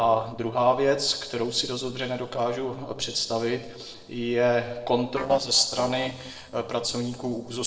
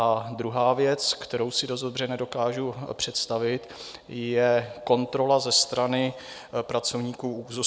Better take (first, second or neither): second